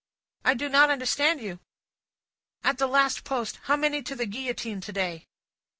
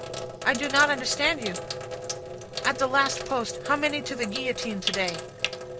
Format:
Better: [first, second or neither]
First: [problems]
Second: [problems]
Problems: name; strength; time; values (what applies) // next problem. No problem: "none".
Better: first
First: none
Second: background sound (Sink (filling or washing)); 6 dB below the speech